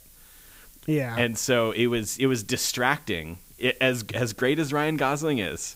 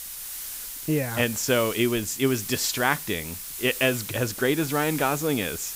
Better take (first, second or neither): first